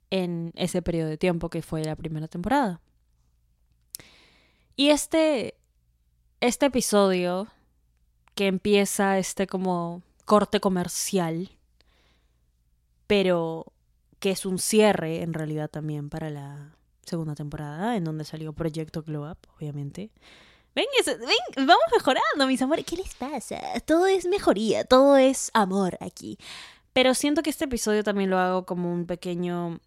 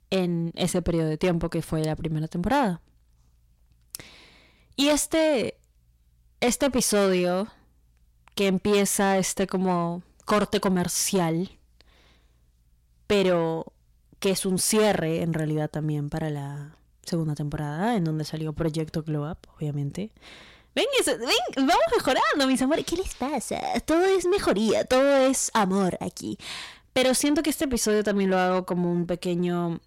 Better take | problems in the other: first | distortion; heavy; 8 dB below the speech

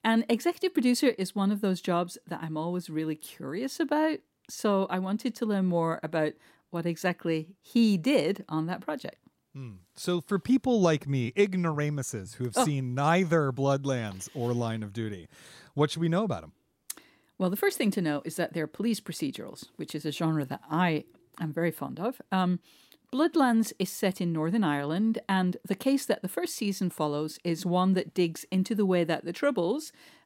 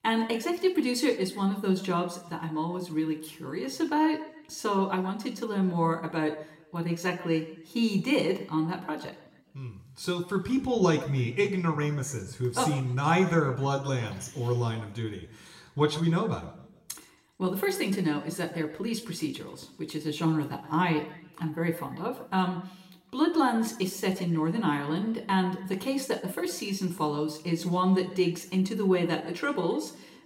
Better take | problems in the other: first | room echo; slight; dies away in 0.6 s

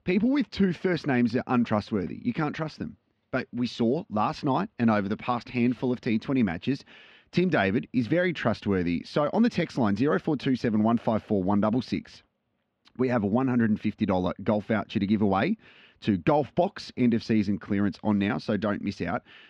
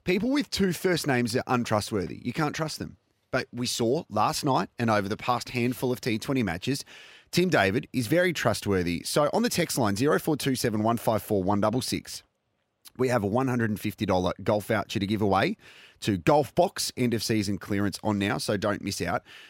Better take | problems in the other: second | muffled; slightly; fading above 3.5 kHz

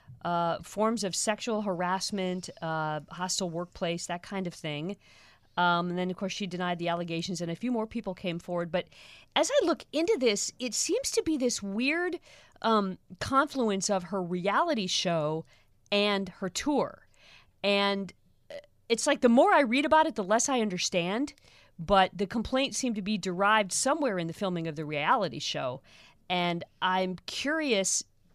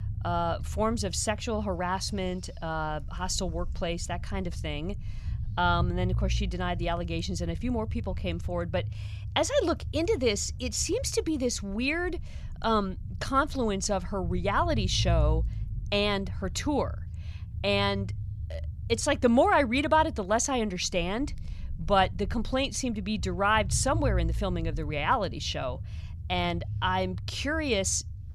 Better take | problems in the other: first | low rumble; faint; throughout; 25 dB below the speech

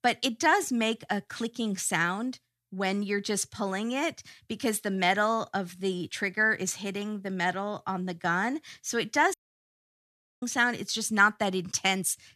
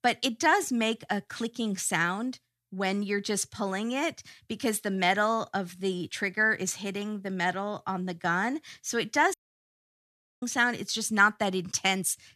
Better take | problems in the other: neither | audio cutting out; at 9.5 s for 1 s; the same in both

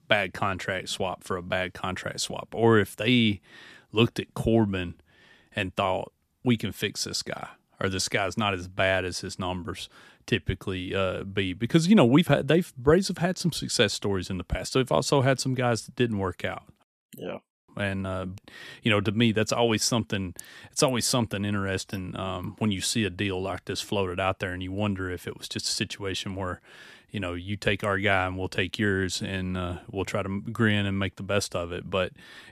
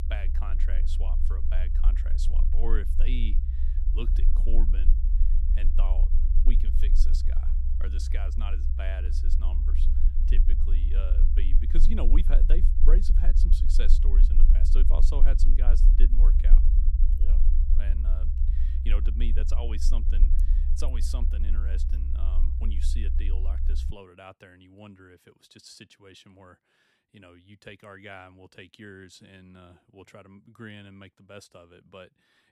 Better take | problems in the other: first | low rumble; loud; until 24 s; 5 dB below the speech

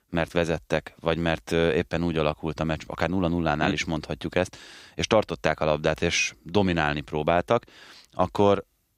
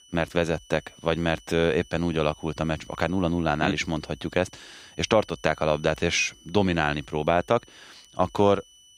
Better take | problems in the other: first | high-pitched whine; faint; throughout; 3 kHz, 25 dB below the speech

